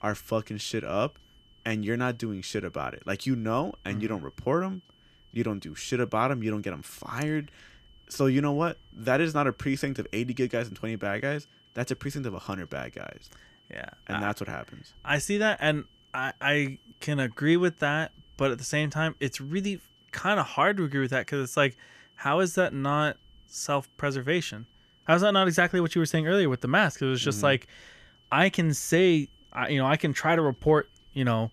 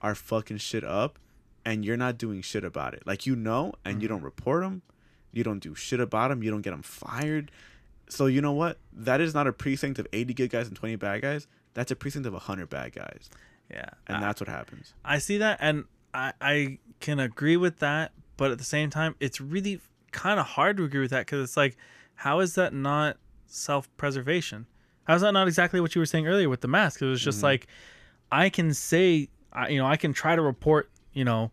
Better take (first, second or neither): second